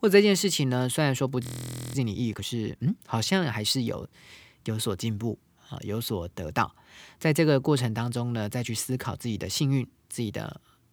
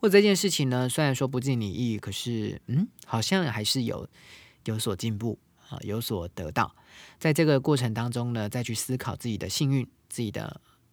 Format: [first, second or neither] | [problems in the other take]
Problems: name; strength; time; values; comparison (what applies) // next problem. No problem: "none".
second | audio freezing; at 1.5 s for 0.5 s